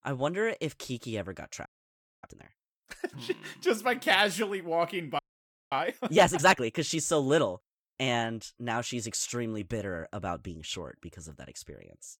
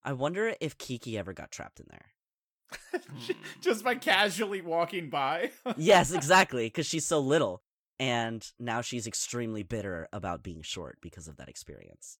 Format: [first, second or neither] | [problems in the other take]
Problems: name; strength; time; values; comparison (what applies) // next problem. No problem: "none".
second | audio freezing; at 1.5 s for 0.5 s and at 5 s for 0.5 s